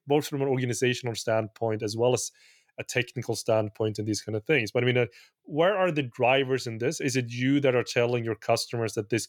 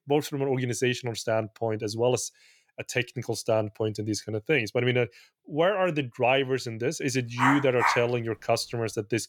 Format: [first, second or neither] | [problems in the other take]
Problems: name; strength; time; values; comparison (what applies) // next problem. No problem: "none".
first | dog barking; loud; at 7.5 s; peak 1 dB above the speech